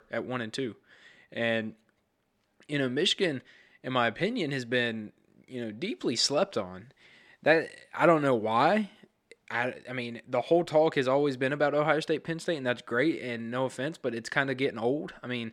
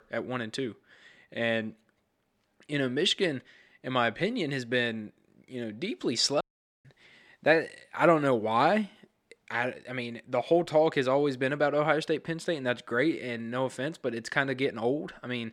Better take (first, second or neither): first